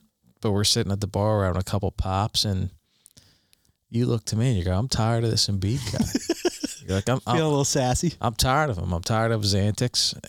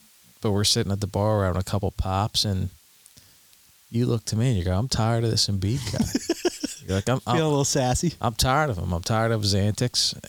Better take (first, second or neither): first